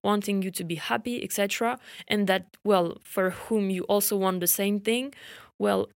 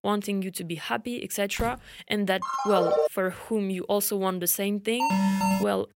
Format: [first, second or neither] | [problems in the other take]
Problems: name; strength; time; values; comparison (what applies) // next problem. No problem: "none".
first | door banging; faint; at 1.5 s; peak 10 dB below the speech // phone ringing; loud; at 2.5 s; peak 4 dB above the speech // alarm; loud; at 5 s; peak 4 dB above the speech